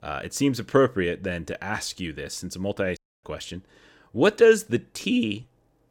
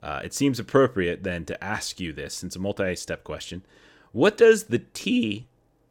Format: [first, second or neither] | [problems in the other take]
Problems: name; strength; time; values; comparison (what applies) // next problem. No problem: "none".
second | audio cutting out; at 3 s